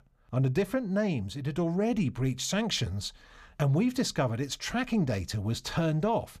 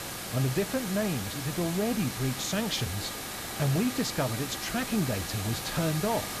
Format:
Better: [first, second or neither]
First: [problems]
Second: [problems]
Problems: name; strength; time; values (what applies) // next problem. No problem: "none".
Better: first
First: none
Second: hiss; loud; throughout; 4 dB below the speech